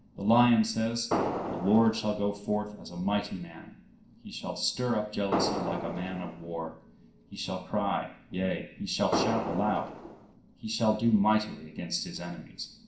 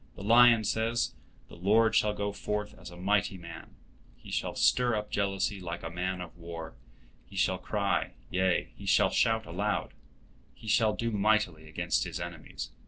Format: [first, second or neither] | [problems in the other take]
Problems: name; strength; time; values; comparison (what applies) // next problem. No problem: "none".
second | background sound (Fireworks); 3 dB below the speech // room echo; dies away in 0.5 s